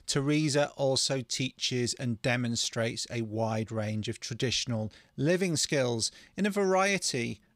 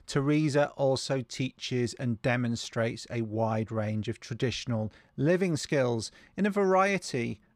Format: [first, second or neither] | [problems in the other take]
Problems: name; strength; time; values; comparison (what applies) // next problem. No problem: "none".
first | muffled; slightly; fading above 2.5 kHz